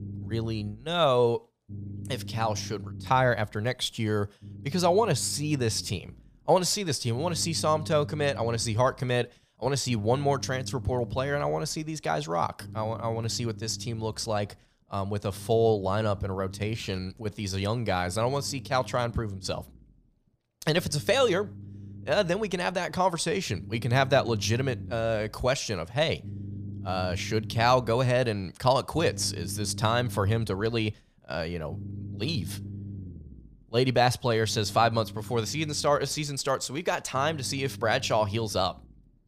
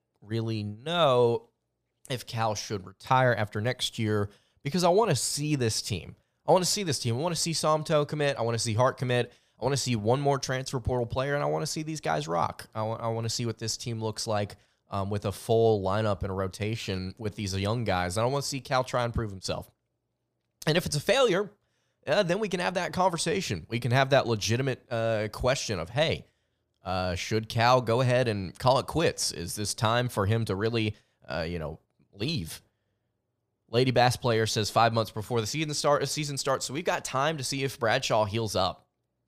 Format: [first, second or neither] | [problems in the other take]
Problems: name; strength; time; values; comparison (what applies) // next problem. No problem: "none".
second | low rumble; faint; throughout; 25 dB below the speech